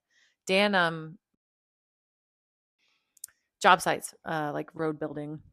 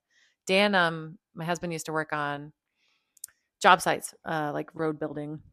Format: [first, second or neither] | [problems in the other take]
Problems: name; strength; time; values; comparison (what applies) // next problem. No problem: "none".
second | audio cutting out; at 1.5 s for 1.5 s